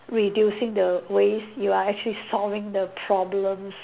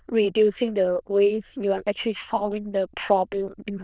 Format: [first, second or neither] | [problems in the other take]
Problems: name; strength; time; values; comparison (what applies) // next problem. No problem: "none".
first | noise reduction (neural diffusion model UNIVERSE++)